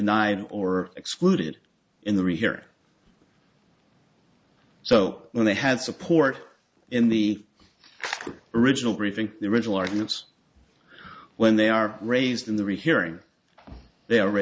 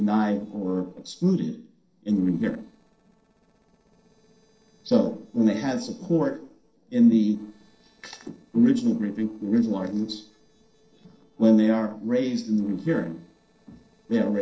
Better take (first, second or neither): first